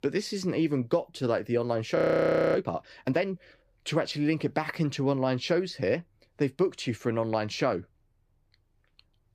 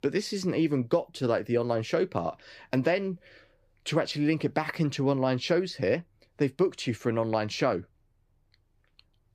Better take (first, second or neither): second